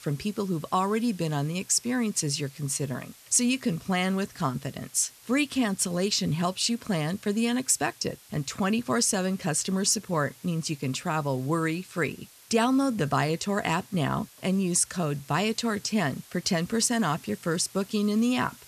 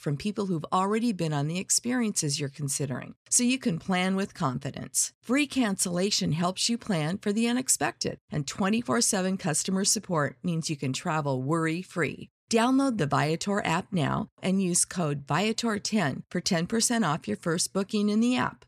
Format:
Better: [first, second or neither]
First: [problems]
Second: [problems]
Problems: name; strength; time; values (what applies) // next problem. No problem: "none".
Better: second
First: hiss; faint; throughout; 25 dB below the speech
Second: none